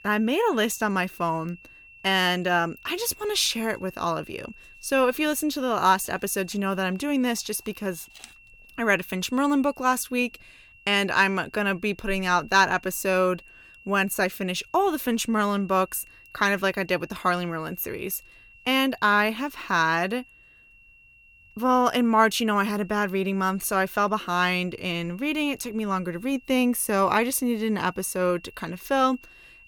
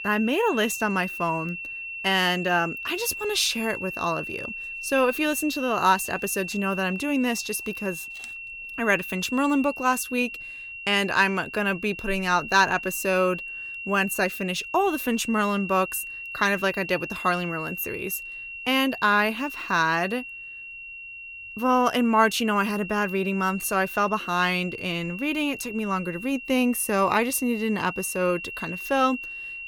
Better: first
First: high-pitched whine; faint; throughout; 2.5 kHz, 25 dB below the speech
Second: high-pitched whine; loud; throughout; 2.5 kHz, 9 dB below the speech

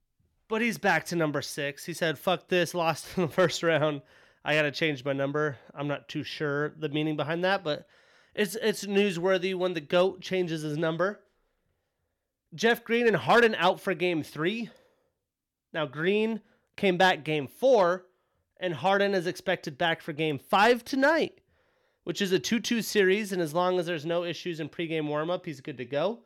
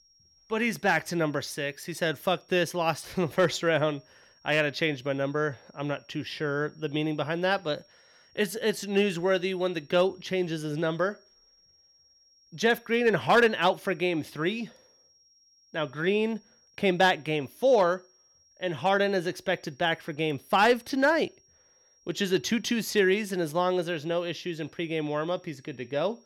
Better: first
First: none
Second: high-pitched whine; faint; throughout; 5.5 kHz, 30 dB below the speech

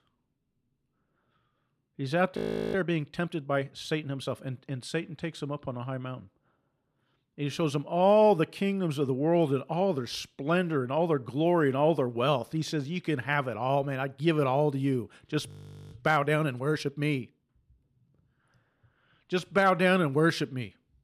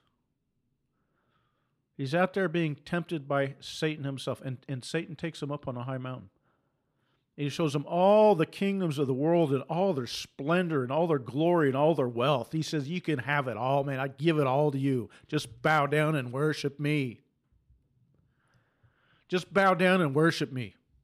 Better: second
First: audio freezing; at 2.5 s and at 15 s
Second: none

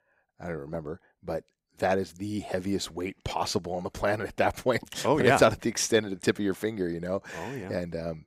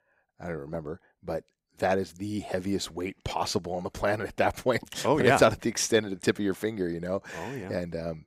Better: neither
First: none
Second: none

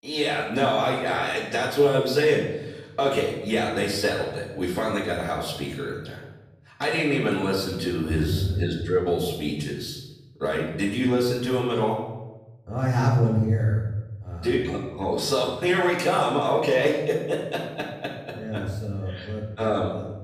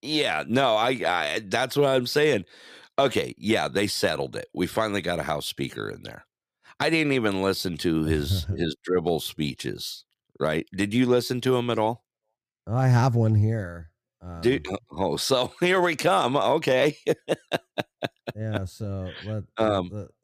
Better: second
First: off-mic speech; far // room echo; noticeable; dies away in 0.9 s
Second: none

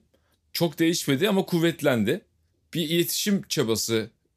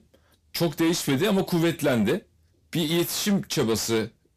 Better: first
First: none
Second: distortion; slight; 10 dB below the speech

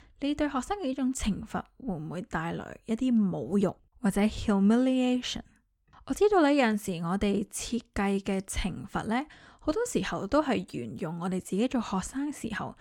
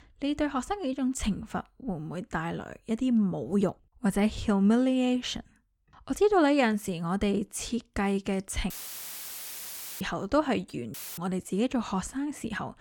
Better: first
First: none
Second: audio cutting out; filled with static; at 8.5 s for 1.5 s and at 11 s

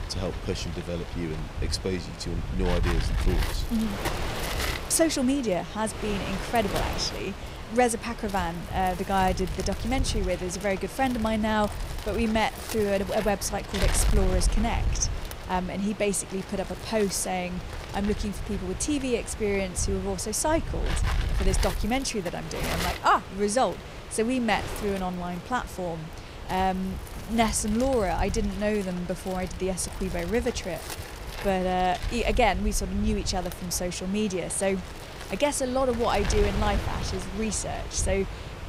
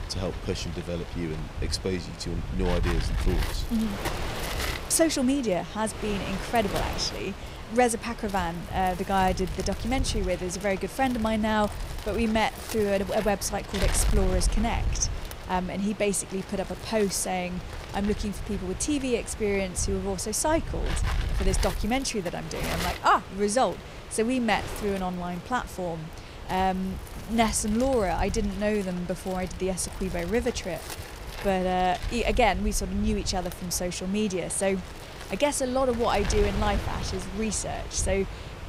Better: second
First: wind noise on the microphone; heavy; 9 dB below the speech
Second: wind noise on the microphone; occasional gusts; 10 dB below the speech

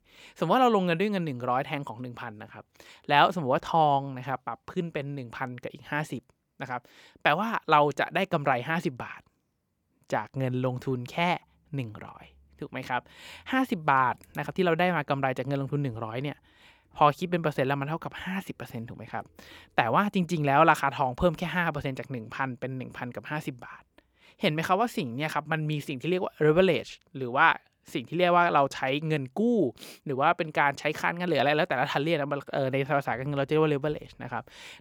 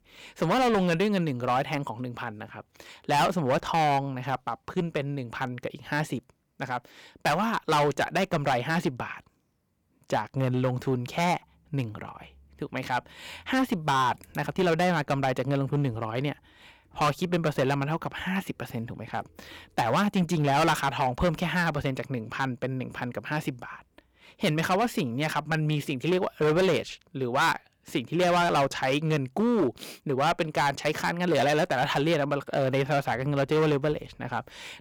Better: first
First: none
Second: distortion; heavy; 8% of the sound clipped

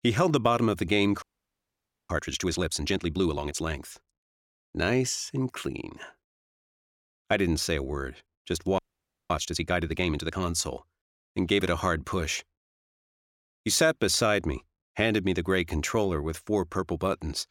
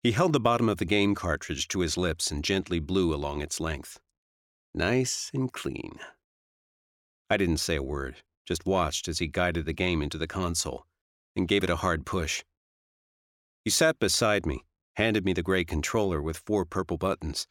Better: second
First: audio freezing; at 1 s for 1 s and at 9 s for 0.5 s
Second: none

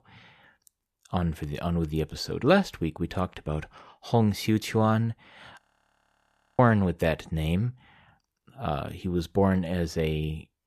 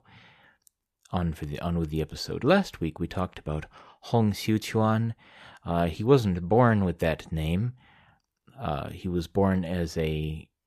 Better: second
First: audio freezing; at 5.5 s for 1 s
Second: none

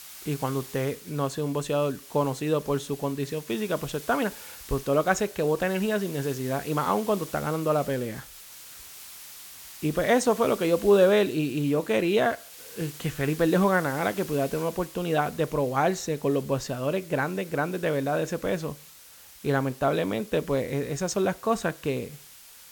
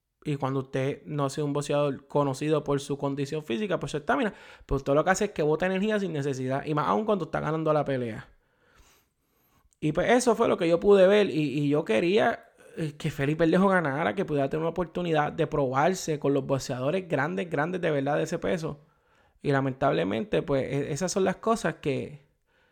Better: second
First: hiss; noticeable; throughout; 15 dB below the speech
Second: none

